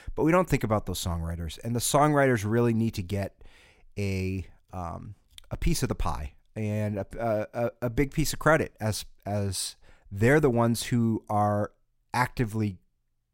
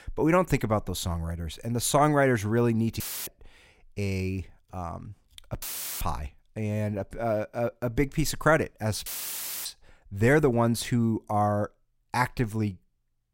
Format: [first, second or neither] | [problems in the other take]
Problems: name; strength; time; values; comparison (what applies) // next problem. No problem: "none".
first | audio cutting out; filled with static; at 3 s, at 5.5 s and at 9 s for 0.5 s